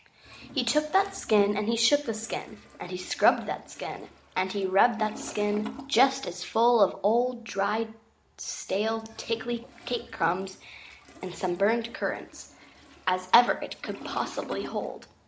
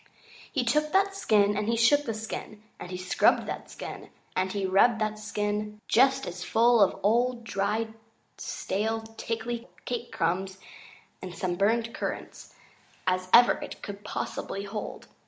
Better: second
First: background sound (Toilet flush); 19 dB below the speech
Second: none

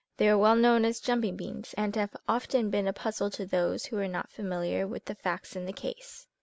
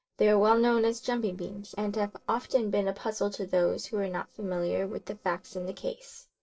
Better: first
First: none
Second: noise reduction (neural separator model SepFormer DNS4)

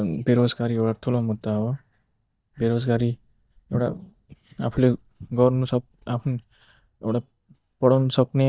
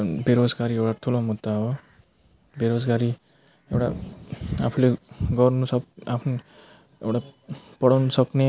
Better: second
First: noise reduction (neural mask model DeepFilterNet 3)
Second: none

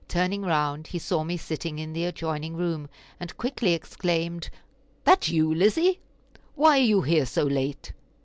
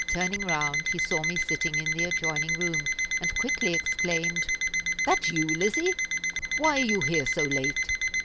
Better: first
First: none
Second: background sound (Alarm); 3 dB above the speech

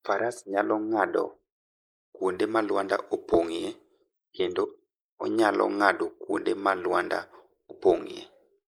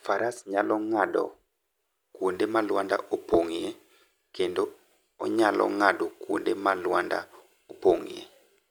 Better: second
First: noise reduction (neural mask model Resemble Enhance denoiser)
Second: none

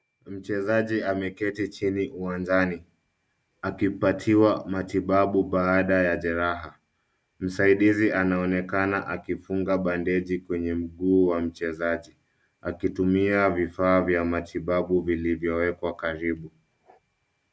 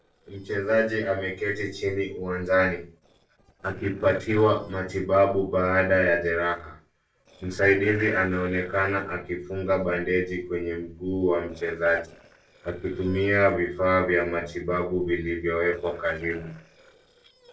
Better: first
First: none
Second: noise reduction (neural separator model SepFormer DNS4)

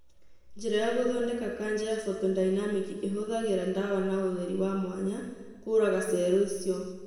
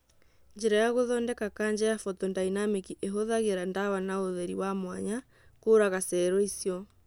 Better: second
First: room echo; dies away in 1.1 s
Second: none

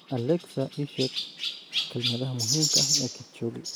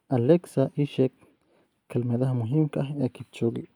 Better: second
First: background sound (Chirp, tweet); 1 dB above the speech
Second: none

